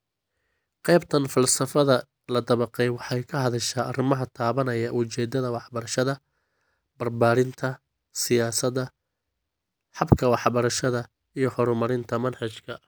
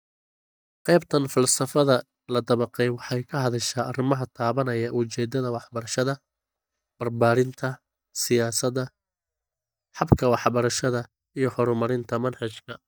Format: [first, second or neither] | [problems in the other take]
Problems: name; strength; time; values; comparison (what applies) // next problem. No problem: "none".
first | noise reduction (neural mask model DeepFilterNet 3)